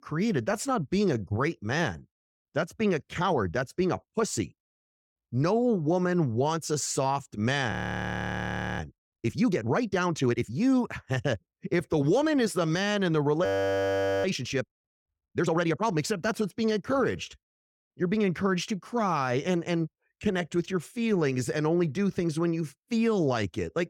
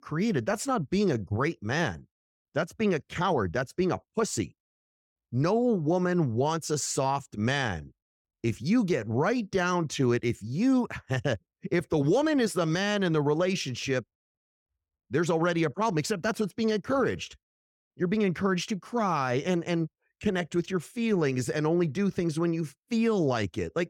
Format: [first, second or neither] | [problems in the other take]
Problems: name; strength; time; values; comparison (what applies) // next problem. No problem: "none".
second | audio freezing; at 7.5 s for 1 s and at 13 s for 1 s